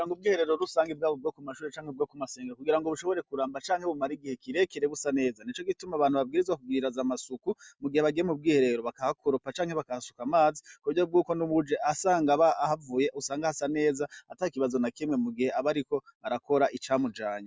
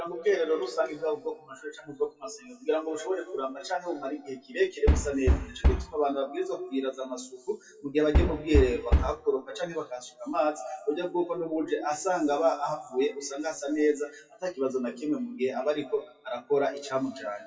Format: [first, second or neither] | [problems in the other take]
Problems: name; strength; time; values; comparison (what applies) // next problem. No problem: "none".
first | noise reduction (classical method WPE with log-MMSE)